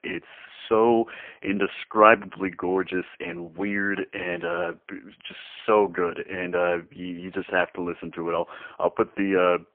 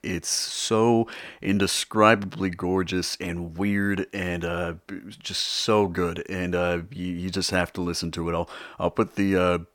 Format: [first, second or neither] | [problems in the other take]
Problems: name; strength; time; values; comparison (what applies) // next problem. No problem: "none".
second | phone-call audio; poor line